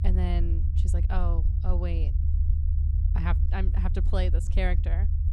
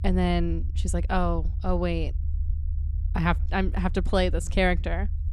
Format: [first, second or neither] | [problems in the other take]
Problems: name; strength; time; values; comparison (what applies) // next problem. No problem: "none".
second | low rumble; loud; throughout; 7 dB below the speech; faint in the second